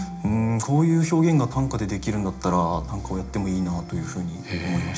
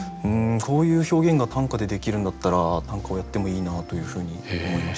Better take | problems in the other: second | room echo; dies away in 0.4 s

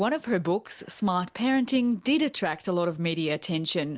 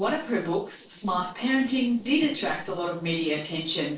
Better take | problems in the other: first | noise reduction (neural separator model SepFormer DNS4)

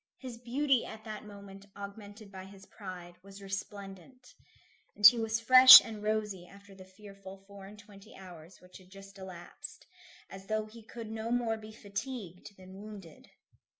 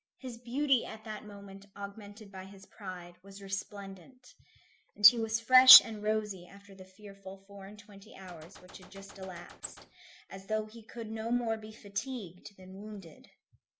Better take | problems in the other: first | background sound (Gunshot, gunfire); 19 dB below the speech

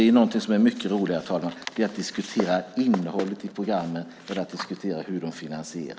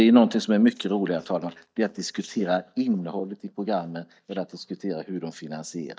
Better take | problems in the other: first | noise reduction (neural mask model DeepFilterNet 3)

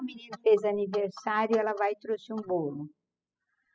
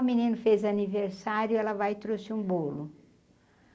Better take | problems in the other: second | noise reduction (classical method spectral subtraction)

